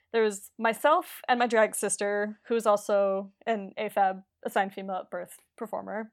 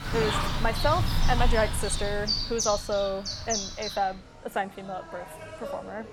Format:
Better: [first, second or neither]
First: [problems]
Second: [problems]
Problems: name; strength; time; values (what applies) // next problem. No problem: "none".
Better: first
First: none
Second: animal sounds; very loud; throughout; as loud as the speech